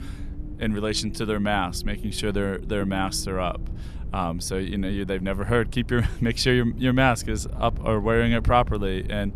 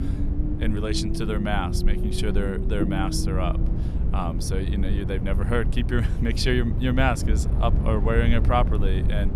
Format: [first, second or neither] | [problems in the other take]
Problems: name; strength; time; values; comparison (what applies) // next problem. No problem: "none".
first | low rumble; loud; throughout; 8 dB below the speech; faint in the first